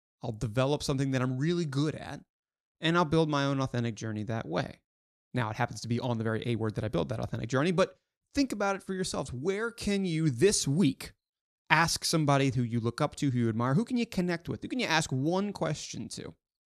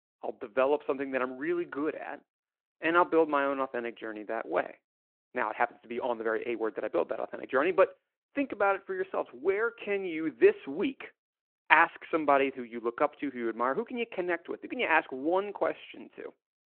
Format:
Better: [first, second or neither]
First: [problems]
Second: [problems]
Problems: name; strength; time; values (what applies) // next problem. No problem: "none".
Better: first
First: none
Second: phone-call audio